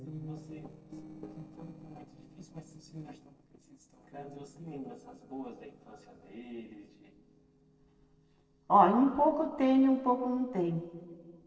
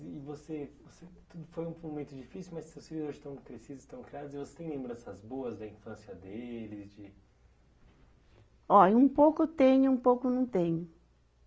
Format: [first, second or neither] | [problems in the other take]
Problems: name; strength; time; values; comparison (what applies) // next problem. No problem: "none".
second | noise reduction (neural separator model SepFormer DNS4)